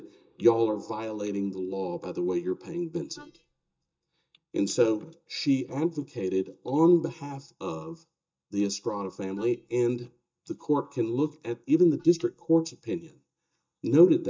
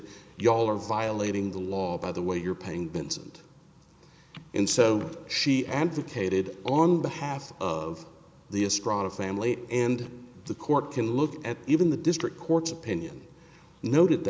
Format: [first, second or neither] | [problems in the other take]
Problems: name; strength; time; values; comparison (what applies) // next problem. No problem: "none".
second | noise reduction (neural mask model DeepFilterNet 3)